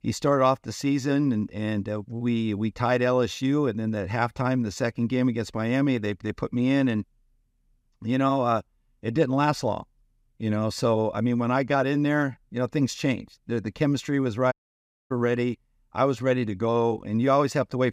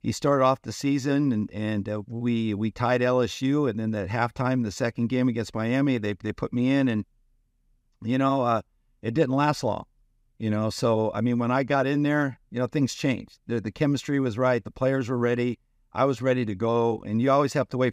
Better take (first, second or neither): second